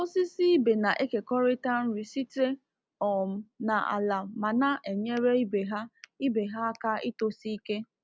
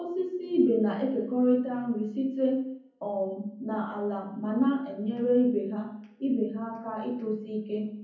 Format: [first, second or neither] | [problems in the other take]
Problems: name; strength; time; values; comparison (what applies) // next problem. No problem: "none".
first | room echo; dies away in 0.7 s